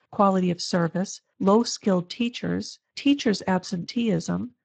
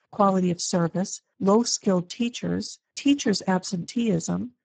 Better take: first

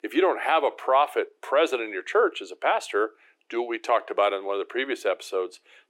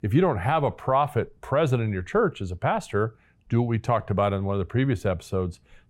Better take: second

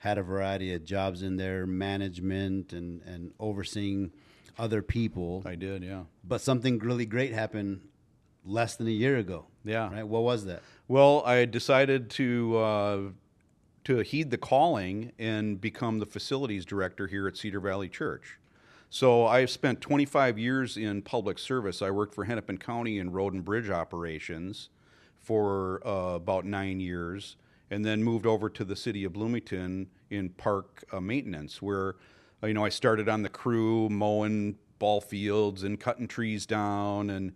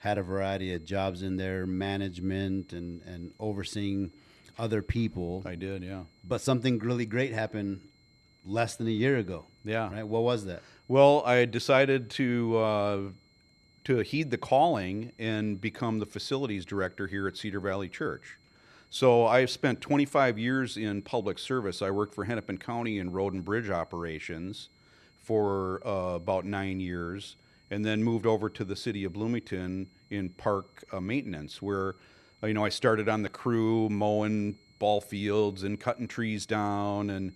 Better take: first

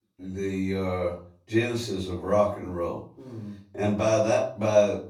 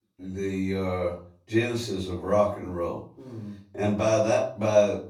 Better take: neither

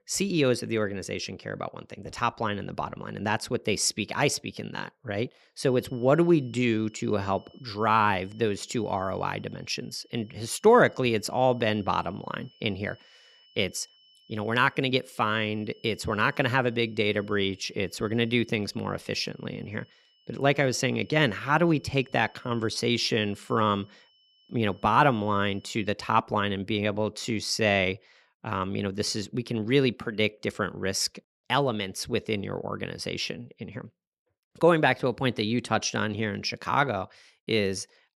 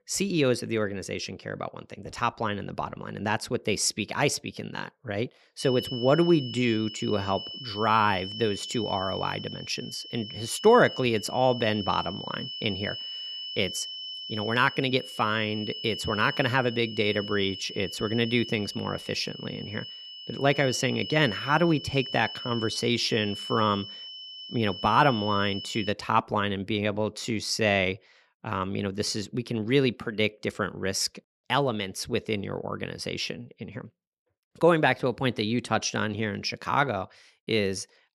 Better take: first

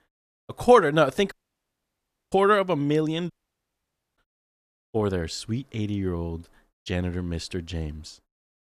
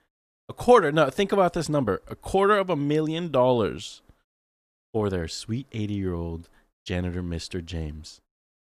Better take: second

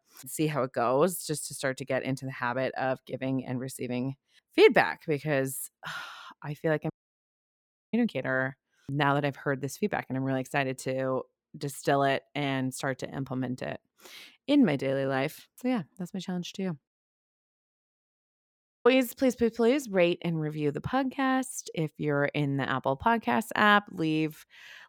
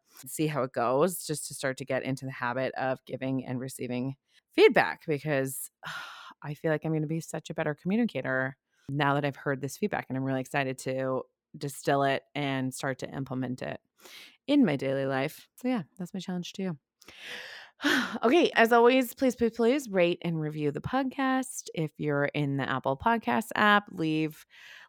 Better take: second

